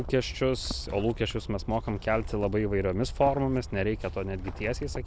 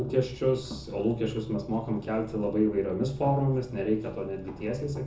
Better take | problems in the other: first | room echo; dies away in 0.6 s

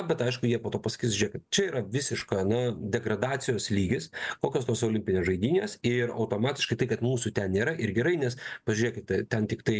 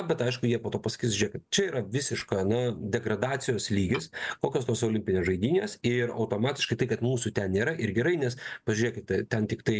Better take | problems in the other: first | background sound (Tap / Glass); 13 dB below the speech

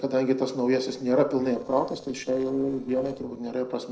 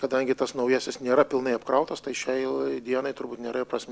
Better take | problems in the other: second | noise reduction (neural separator model SepFormer DNS4)

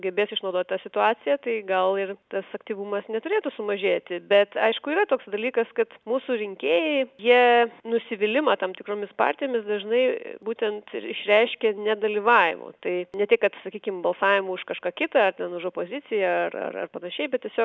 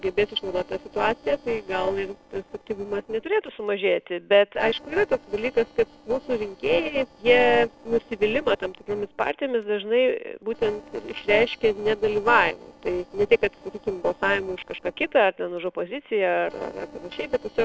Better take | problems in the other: first | noise reduction (neural separator model SepFormer DNS4)

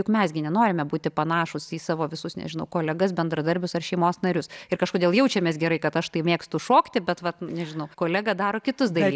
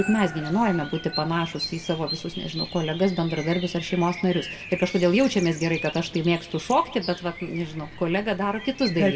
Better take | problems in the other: first | background sound (Bird vocalization, bird call, bird song); 12 dB below the speech // room echo; dies away in 0.6 s

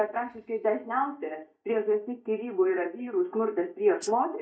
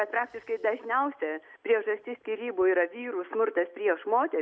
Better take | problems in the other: second | noise reduction (neural mask model DeepFilterNet 3)

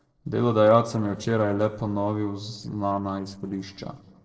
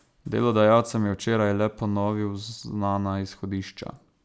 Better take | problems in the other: second | noise reduction (neural separator model SepFormer DNS4)

